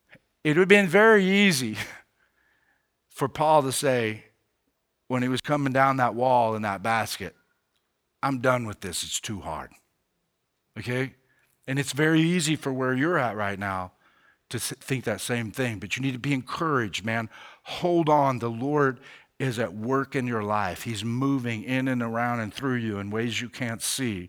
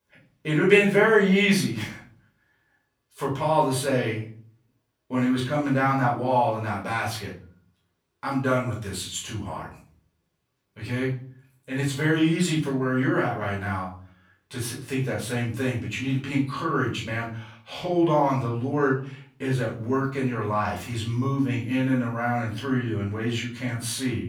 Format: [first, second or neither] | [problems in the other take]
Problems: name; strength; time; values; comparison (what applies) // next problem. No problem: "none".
first | room echo; slight; dies away in 0.5 s // off-mic speech; far